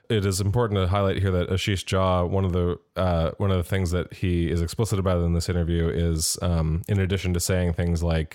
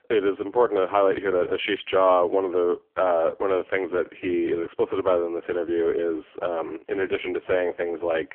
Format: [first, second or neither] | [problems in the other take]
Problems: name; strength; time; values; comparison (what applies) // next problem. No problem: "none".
first | phone-call audio; poor line; nothing above 3.5 kHz